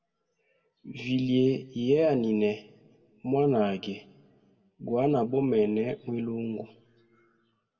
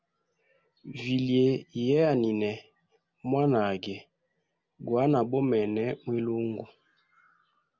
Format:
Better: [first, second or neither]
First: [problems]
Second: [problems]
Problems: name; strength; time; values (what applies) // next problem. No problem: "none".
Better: second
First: room echo; dies away in 1 s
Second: none